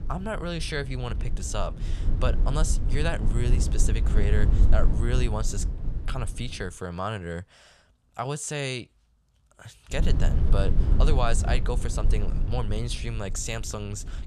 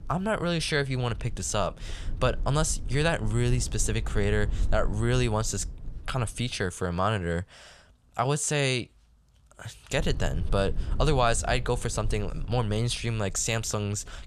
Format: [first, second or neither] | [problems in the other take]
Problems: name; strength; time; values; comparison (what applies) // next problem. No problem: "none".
second | low rumble; loud; until 6.5 s and from 10 s on; 9 dB below the speech; faint in the second